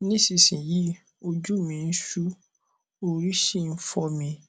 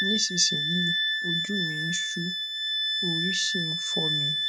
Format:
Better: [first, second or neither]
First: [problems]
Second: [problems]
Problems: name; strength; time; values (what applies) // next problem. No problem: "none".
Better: first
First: none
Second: background sound (Wind instrument, woodwind instrument); 4 dB above the speech